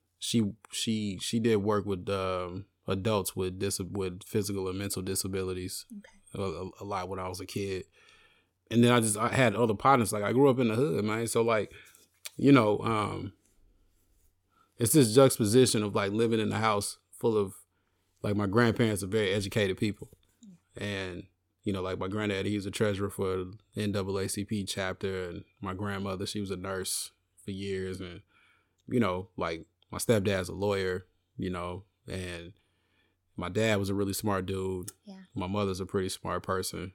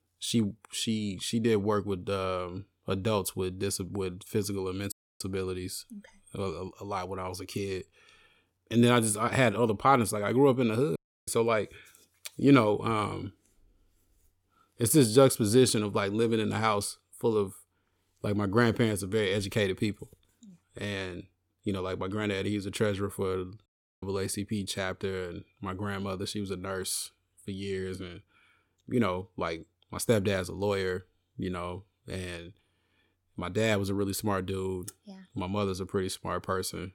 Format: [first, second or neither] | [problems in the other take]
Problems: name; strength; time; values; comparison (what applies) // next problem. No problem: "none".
first | audio cutting out; at 5 s, at 11 s and at 24 s